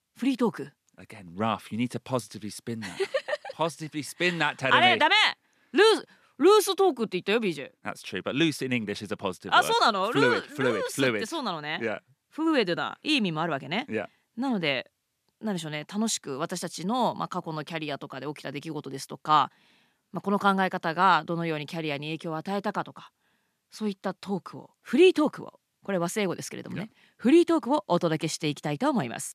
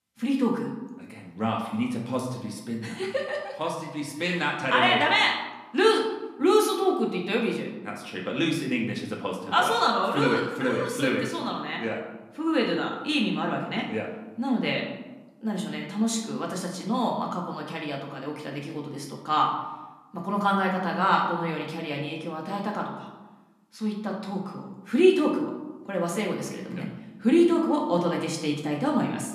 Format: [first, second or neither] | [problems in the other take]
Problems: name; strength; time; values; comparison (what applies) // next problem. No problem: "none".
first | room echo; slight; dies away in 0.9 s // off-mic speech; somewhat distant